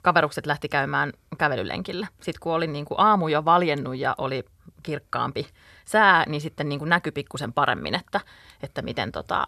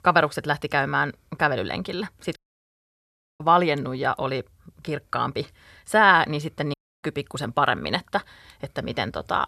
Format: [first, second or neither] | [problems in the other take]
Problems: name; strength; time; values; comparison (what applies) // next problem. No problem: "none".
first | audio cutting out; at 2.5 s for 1 s and at 6.5 s